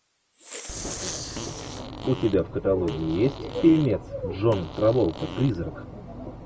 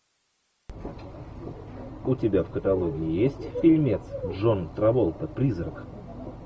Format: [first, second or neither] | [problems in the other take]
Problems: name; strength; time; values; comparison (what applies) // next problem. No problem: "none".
second | background sound (Fart + Respiratory sounds); 13 dB below the speech